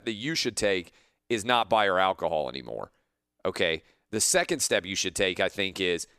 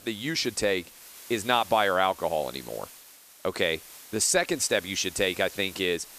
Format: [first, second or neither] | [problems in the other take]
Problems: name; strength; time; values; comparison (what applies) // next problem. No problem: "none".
first | hiss; noticeable; throughout; 20 dB below the speech